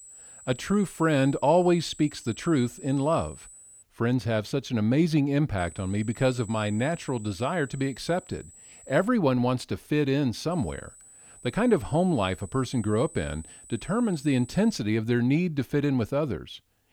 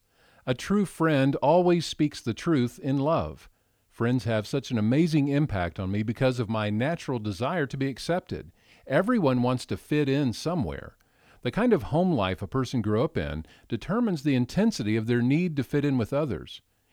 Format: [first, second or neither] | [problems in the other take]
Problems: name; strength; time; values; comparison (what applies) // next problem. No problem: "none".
second | high-pitched whine; faint; until 4 s, from 5.5 to 9 s and from 11 to 15 s; 7.5 kHz, 20 dB below the speech